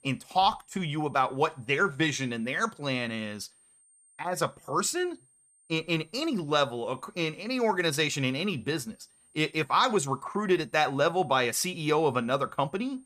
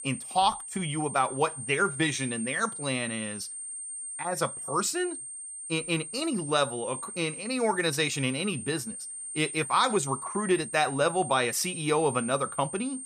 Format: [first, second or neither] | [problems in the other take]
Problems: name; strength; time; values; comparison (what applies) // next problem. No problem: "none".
first | high-pitched whine; loud; throughout; 8.5 kHz, 8 dB below the speech; faint in the first